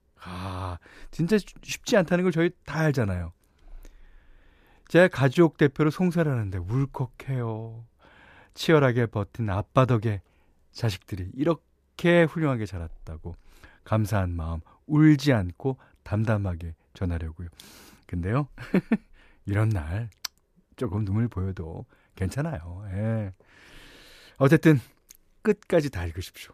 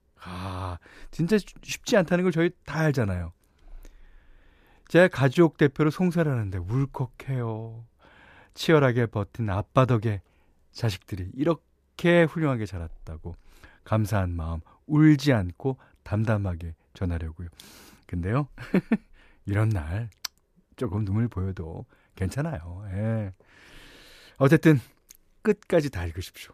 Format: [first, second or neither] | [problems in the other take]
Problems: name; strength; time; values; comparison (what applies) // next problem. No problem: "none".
neither | none